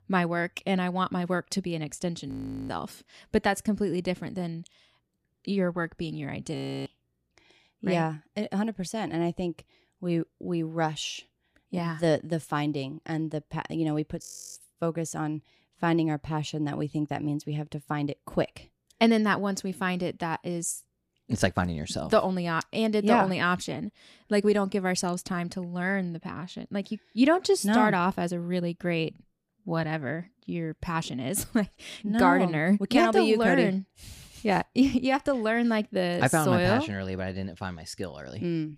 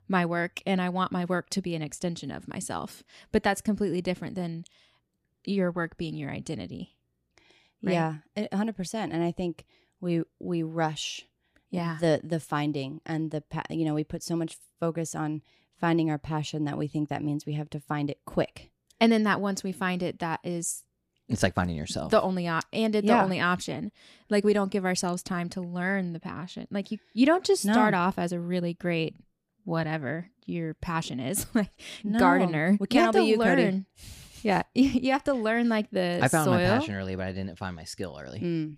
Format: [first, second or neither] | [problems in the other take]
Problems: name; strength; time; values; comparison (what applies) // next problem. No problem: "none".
second | audio freezing; at 2.5 s, at 6.5 s and at 14 s